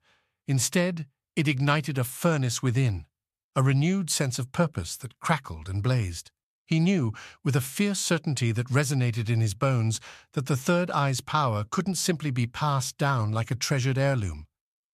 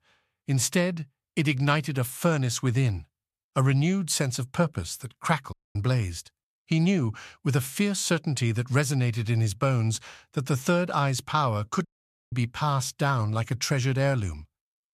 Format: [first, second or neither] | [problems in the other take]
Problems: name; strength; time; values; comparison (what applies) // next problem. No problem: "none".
first | audio cutting out; at 5.5 s and at 12 s